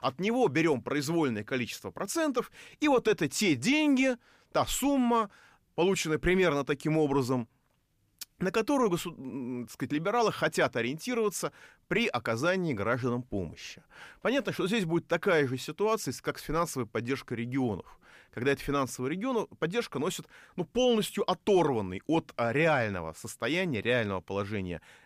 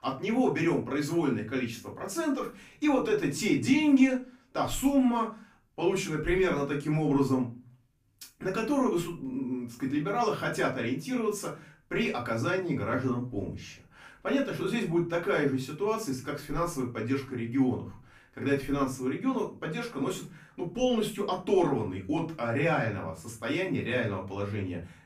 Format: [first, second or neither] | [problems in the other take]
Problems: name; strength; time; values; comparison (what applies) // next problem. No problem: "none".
first | off-mic speech; far // room echo; slight; dies away in 0.3 s